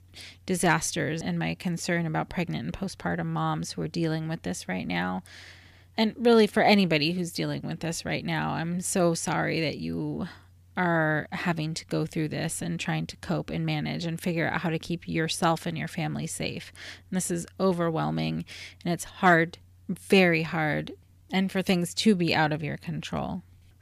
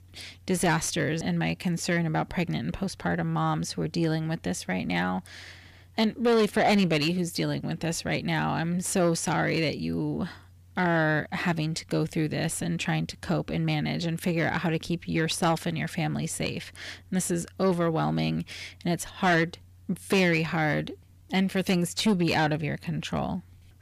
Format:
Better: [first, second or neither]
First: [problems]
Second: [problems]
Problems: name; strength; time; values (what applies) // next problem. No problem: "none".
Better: first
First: none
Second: distortion; slight; 10 dB below the speech